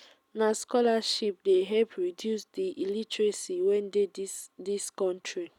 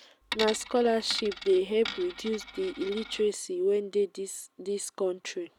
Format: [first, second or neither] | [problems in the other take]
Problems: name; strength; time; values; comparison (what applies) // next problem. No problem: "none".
first | background sound (Coin (dropping)); 11 dB below the speech